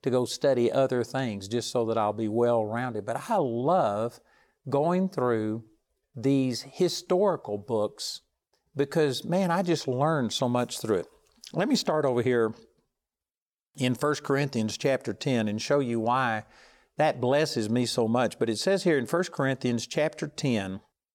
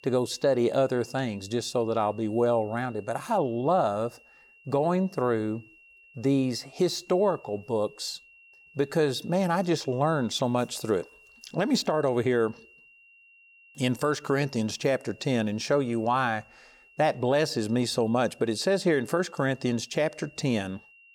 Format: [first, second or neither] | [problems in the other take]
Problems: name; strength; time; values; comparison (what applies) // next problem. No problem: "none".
first | high-pitched whine; faint; throughout; 2.5 kHz, 25 dB below the speech